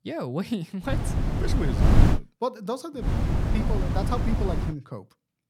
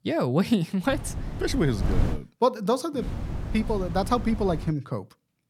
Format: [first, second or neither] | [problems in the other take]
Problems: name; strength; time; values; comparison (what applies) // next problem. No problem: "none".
second | wind noise on the microphone; heavy; from 1 to 2 s and from 3 to 4.5 s; as loud as the speech; occasional gusts in the second